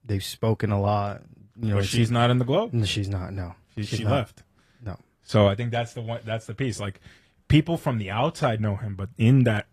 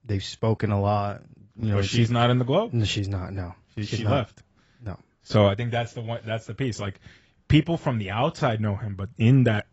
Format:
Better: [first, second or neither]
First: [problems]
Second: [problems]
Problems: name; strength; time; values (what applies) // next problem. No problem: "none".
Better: first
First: garbled, watery; slightly; nothing above 14.5 kHz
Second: garbled, watery; badly; nothing above 7.5 kHz